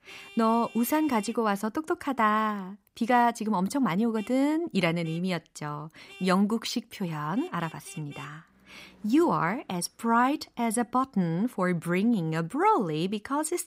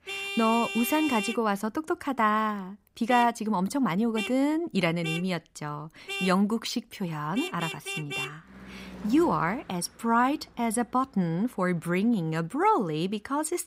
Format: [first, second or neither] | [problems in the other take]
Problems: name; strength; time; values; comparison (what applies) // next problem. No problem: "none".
first | traffic noise; loud; throughout; 8 dB below the speech; faint in the first